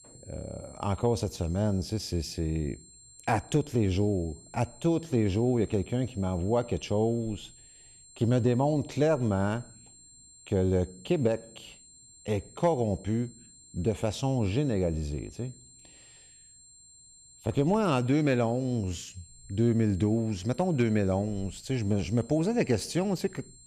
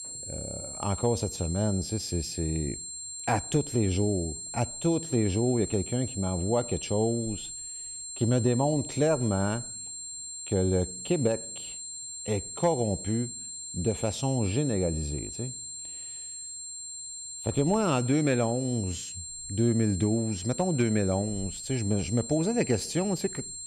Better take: first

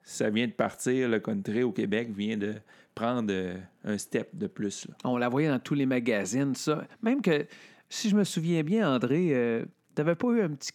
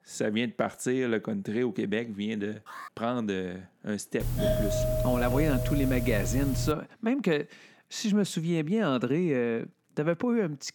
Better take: first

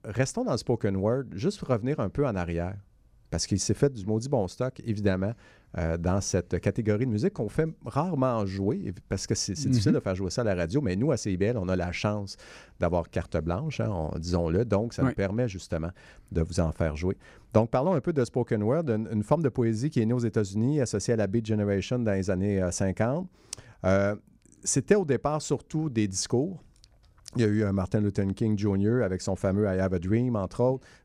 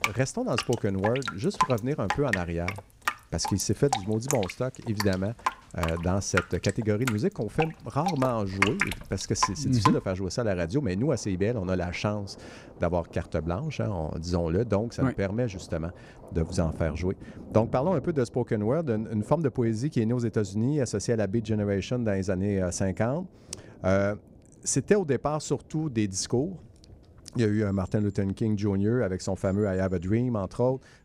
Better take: first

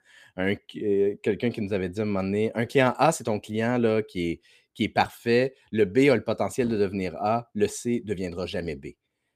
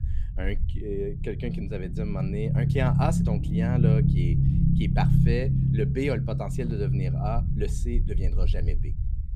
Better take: first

